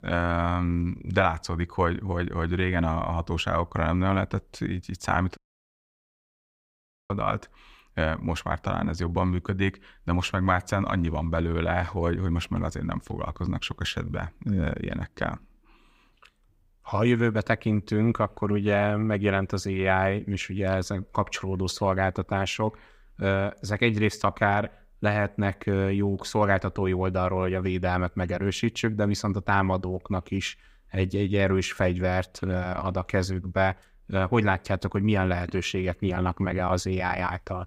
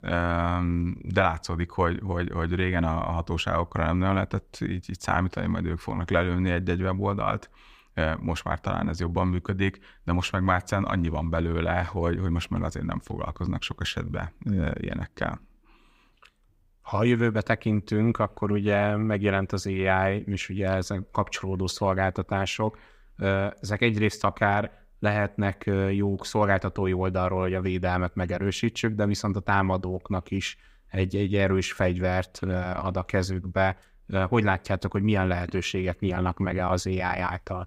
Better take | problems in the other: second | audio cutting out; at 5.5 s for 1.5 s

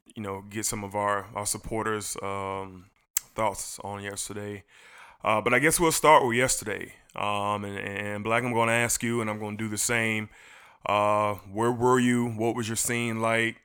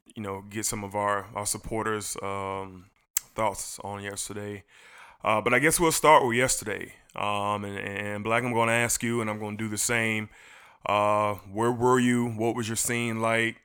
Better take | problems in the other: neither | none

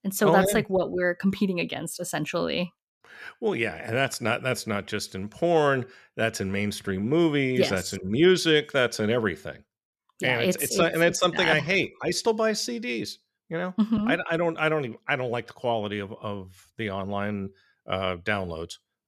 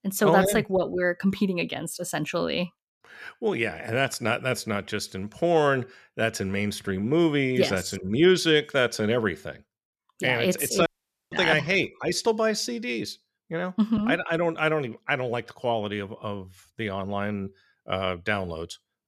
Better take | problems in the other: first | audio cutting out; at 11 s

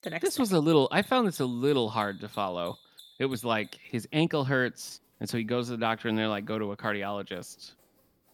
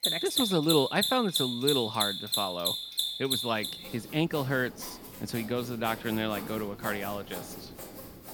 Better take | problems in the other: first | machinery noise; loud; throughout; 1 dB below the speech; faint in the first

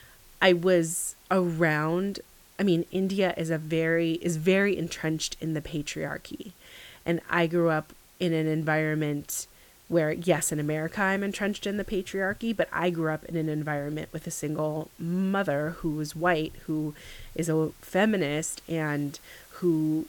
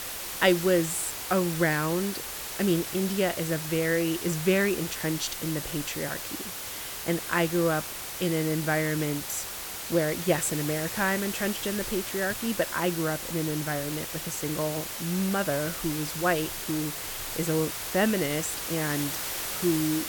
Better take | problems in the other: first | hiss; loud; throughout; 4 dB below the speech; faint in the first

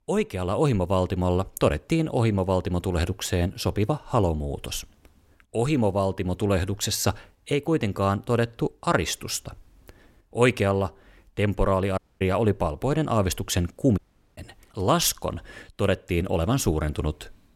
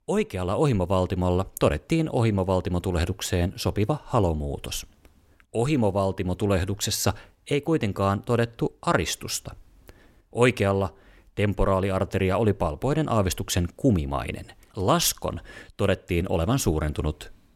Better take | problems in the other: second | audio cutting out; at 12 s and at 14 s

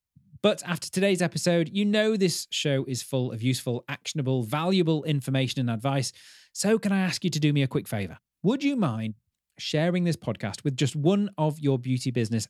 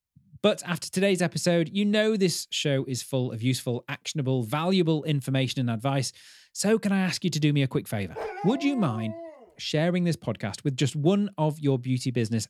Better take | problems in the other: first | dog barking; noticeable; from 8 to 9.5 s; peak 8 dB below the speech

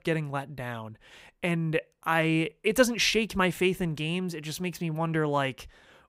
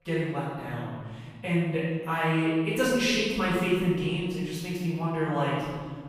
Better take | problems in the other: first | off-mic speech; far // room echo; strong; dies away in 1.8 s

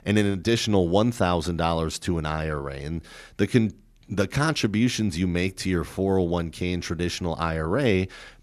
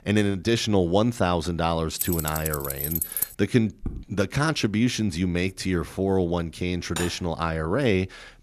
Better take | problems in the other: first | jangling keys; loud; from 2 to 3 s; peak level with the speech // footsteps; faint; at 4 s; peak 10 dB below the speech // clattering dishes; noticeable; at 7 s; peak 8 dB below the speech

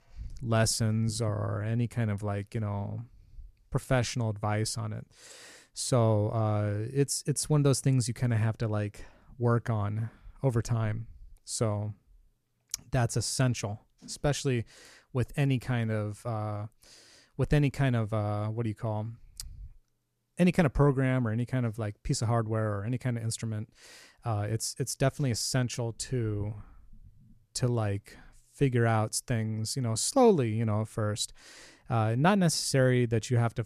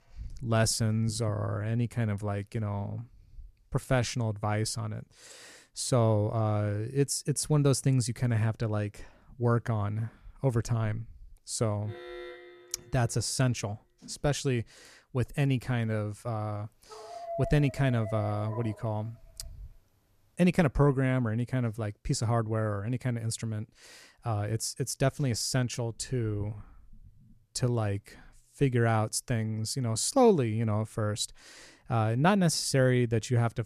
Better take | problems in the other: first | alarm; faint; from 12 to 13 s; peak 15 dB below the speech // dog barking; noticeable; from 17 to 19 s; peak 8 dB below the speech

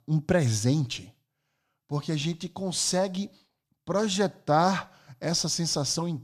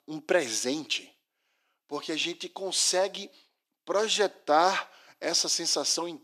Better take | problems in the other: first | thin; very; fading below 350 Hz

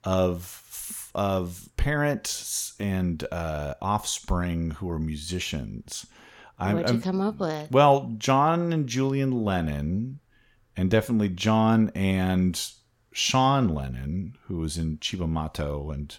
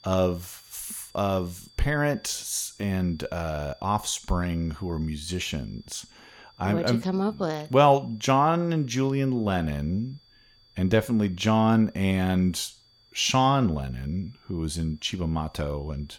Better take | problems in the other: first | high-pitched whine; faint; throughout; 4.5 kHz, 30 dB below the speech

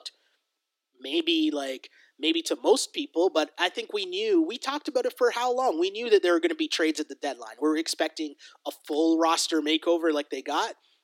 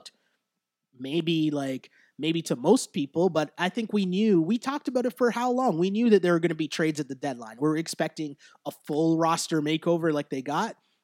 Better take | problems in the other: second | thin; somewhat; fading below 300 Hz

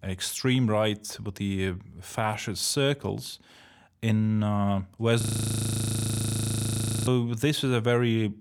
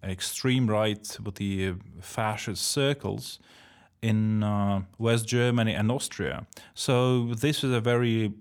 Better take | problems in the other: second | audio freezing; at 5 s for 2 s

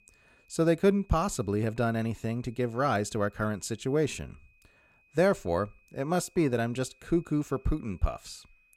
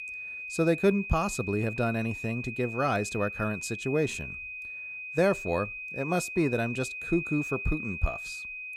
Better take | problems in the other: first | high-pitched whine; loud; throughout; 2.5 kHz, 7 dB below the speech; faint in the first

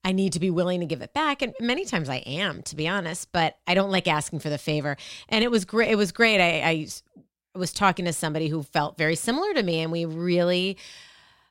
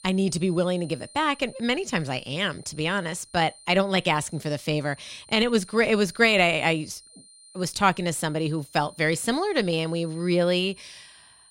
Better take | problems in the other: first | high-pitched whine; faint; throughout; 9 kHz, 25 dB below the speech

